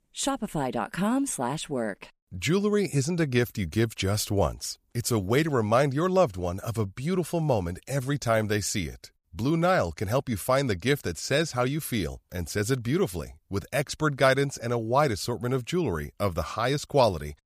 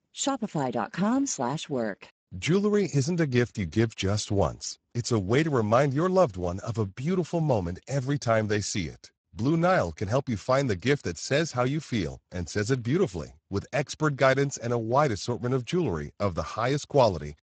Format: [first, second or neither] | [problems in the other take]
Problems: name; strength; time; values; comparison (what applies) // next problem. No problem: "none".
first | garbled, watery; badly; nothing above 7.5 kHz